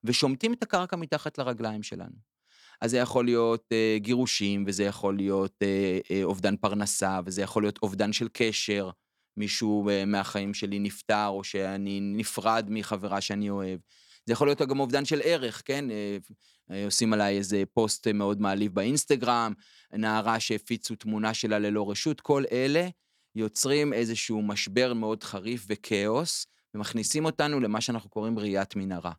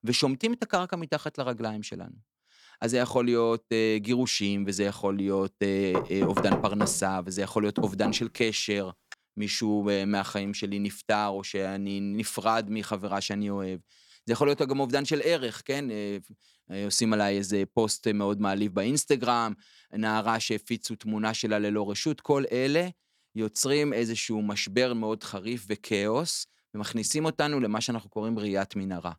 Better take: first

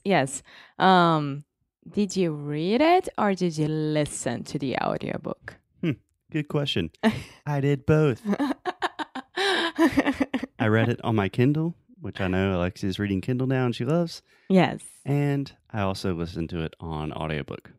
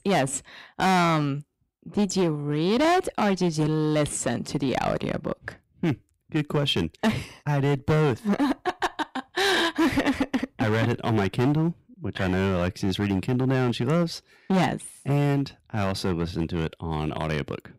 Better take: first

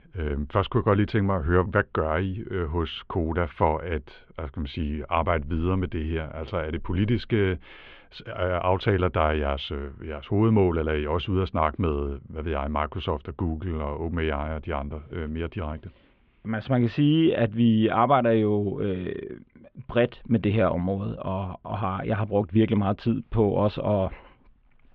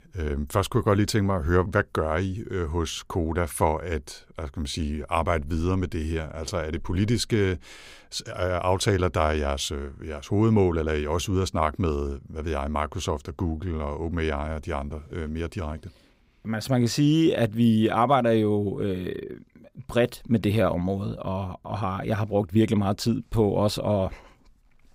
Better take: second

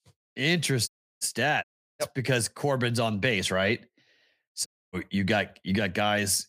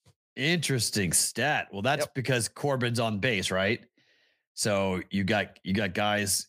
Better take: second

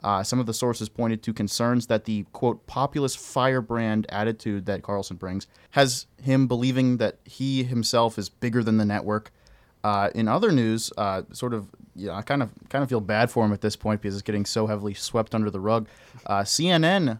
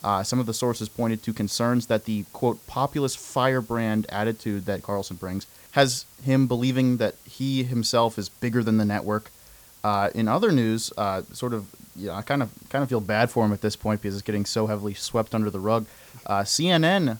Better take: first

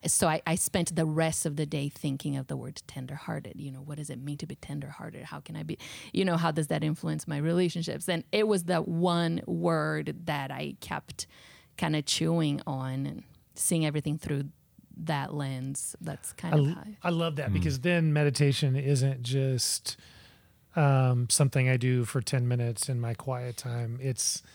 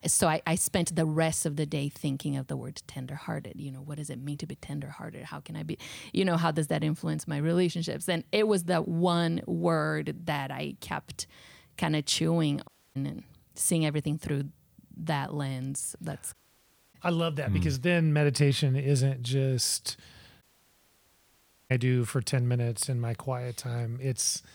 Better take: first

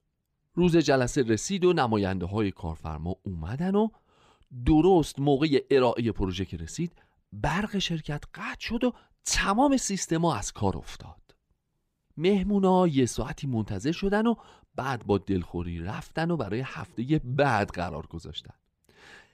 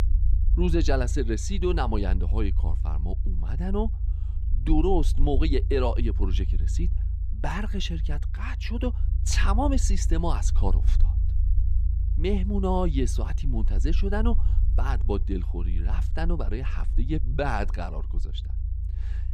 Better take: first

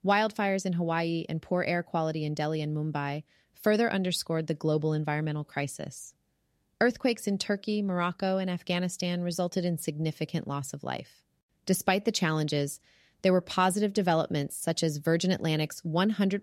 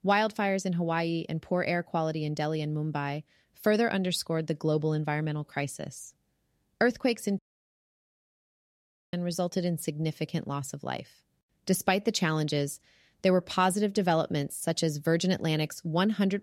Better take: first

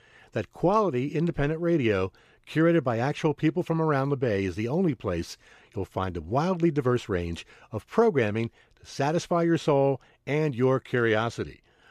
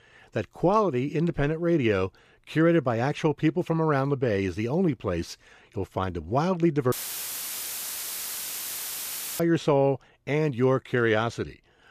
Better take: first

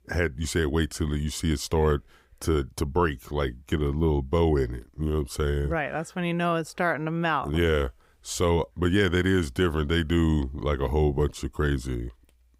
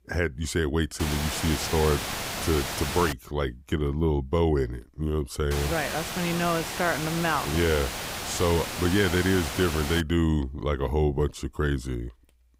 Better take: first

